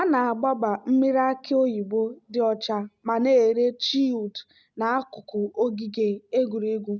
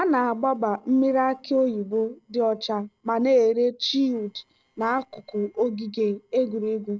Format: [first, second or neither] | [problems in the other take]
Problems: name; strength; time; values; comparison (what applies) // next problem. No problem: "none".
first | noise reduction (neural separator model SepFormer DNS4)